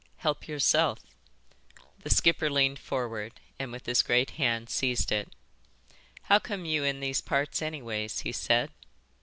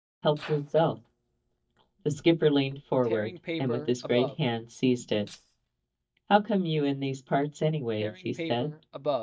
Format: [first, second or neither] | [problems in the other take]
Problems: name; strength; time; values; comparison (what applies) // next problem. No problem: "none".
first | noise reduction (neural mask model DeepFilterNet 3)